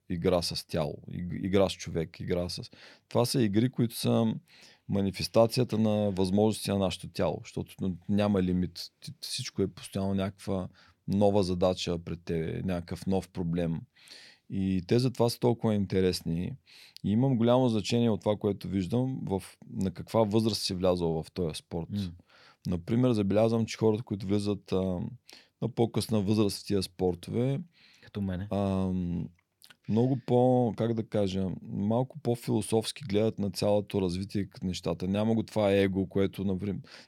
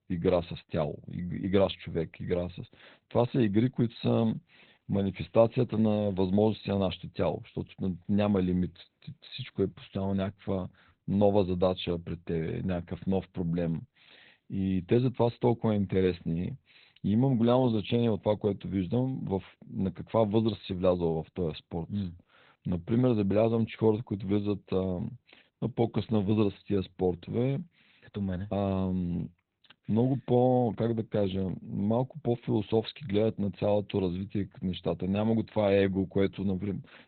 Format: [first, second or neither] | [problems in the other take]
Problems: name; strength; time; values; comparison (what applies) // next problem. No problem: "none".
first | garbled, watery; badly; nothing above 4 kHz